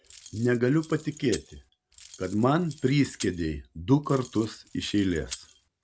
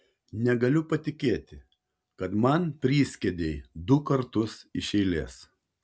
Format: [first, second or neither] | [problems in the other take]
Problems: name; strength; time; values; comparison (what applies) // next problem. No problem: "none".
second | background sound (Keys jangling); 19 dB below the speech